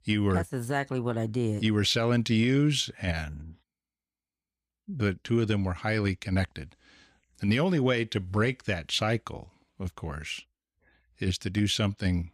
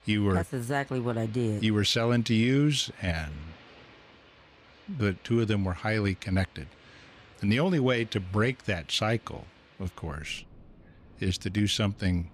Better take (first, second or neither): first